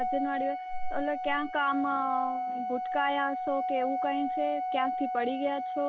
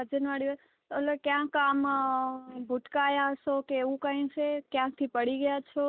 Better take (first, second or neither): second